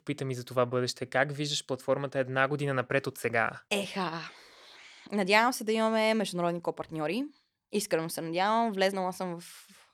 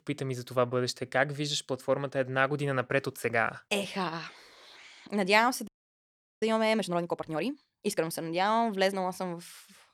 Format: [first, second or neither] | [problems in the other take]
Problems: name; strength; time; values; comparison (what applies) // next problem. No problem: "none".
first | audio freezing; at 5.5 s for 0.5 s